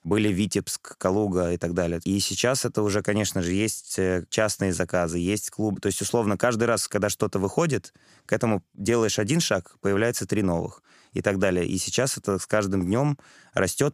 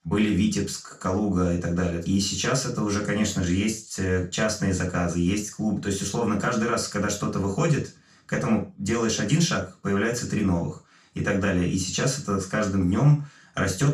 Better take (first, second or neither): first